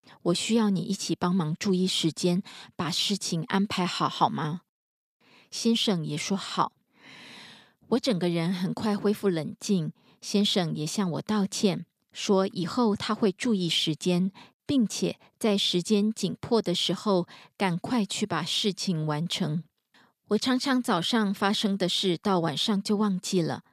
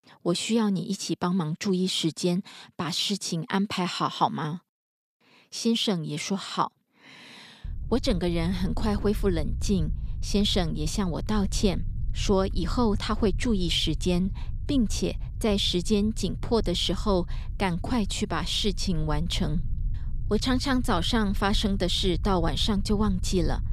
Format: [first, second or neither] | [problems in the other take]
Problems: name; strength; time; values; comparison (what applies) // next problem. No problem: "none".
first | low rumble; faint; from 7.5 s on; 25 dB below the speech